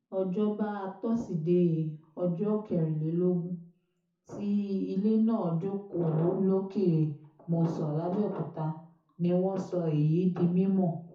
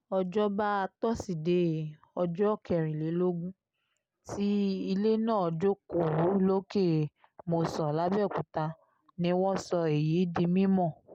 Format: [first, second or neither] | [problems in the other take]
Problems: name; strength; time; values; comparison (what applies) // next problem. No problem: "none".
second | room echo; dies away in 0.7 s